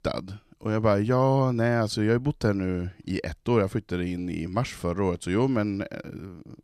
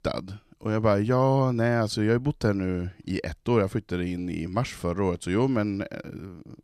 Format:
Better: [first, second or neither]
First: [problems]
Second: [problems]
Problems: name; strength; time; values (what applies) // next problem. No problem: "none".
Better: neither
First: none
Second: none